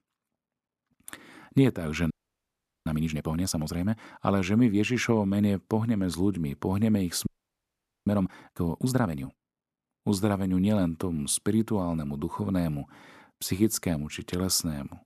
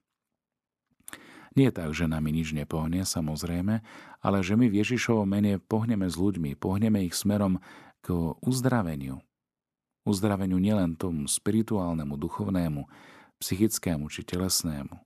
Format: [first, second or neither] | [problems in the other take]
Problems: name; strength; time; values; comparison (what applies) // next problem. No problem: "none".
second | audio freezing; at 2 s for 1 s and at 7.5 s for 1 s